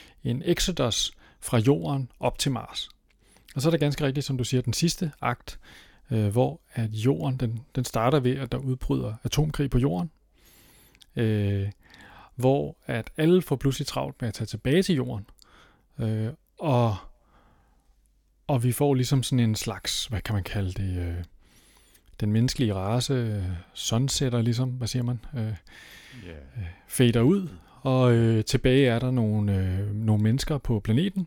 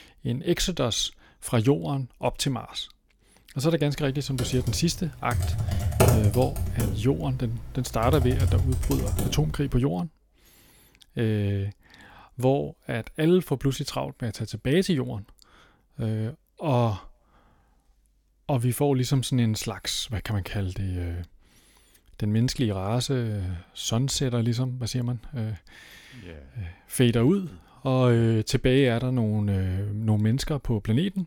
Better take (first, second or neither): first